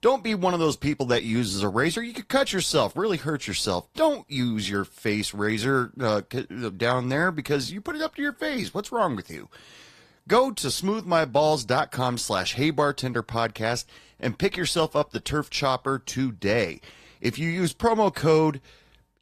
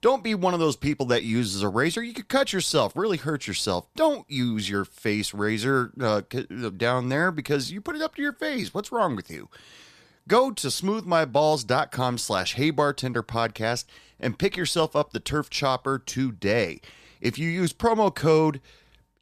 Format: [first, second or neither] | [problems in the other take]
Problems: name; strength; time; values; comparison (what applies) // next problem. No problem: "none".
second | garbled, watery; slightly; nothing above 14.5 kHz